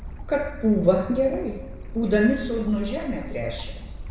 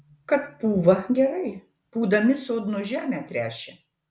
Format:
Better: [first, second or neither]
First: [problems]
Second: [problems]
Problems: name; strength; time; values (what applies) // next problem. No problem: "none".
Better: second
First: background sound (Stream / Bird); 11 dB below the speech // room echo; dies away in 1 s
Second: none